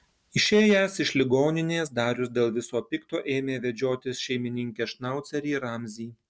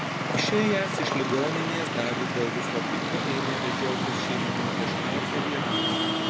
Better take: first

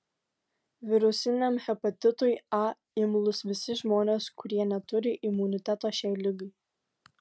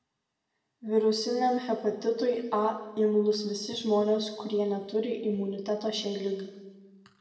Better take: first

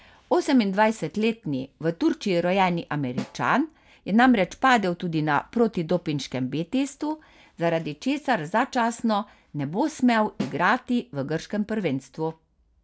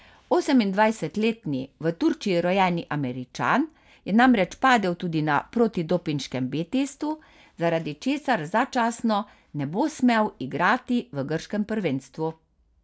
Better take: second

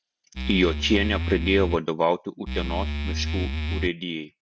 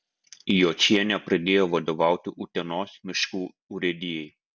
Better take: second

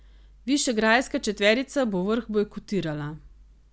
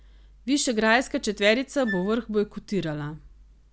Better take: first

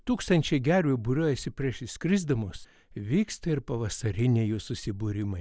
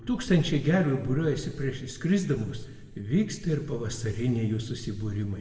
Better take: first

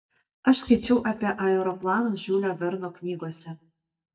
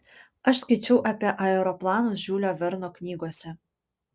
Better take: second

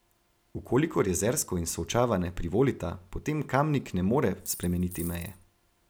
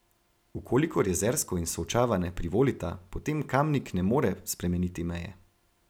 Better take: second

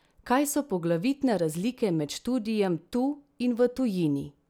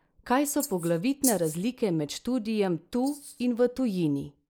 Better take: first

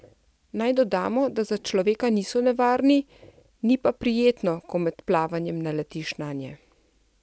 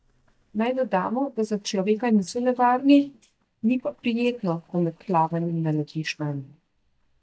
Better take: first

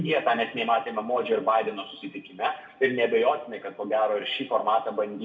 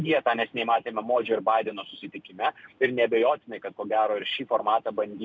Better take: second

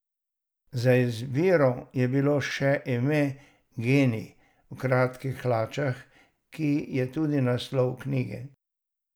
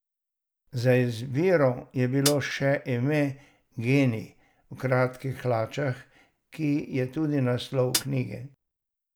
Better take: first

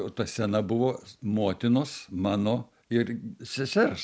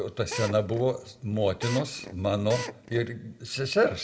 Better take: first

